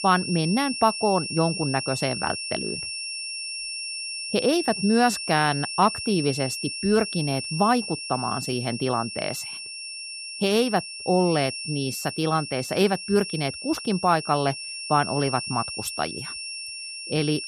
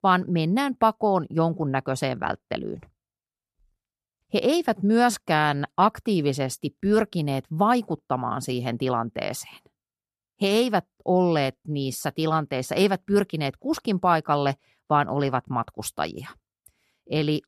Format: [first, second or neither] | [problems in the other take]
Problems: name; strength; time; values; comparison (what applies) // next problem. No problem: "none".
second | high-pitched whine; loud; throughout; 5.5 kHz, 6 dB below the speech